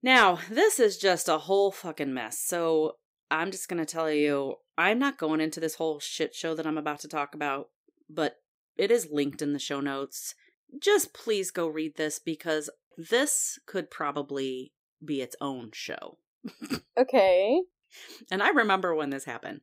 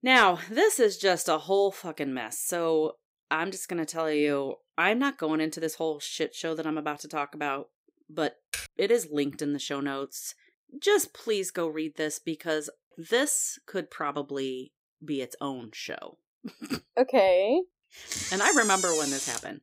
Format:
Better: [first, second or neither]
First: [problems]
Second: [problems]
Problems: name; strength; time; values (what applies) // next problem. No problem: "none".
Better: first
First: none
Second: keyboard typing; noticeable; at 8.5 s; peak 8 dB below the speech // door banging; loud; from 18 s on; peak 2 dB above the speech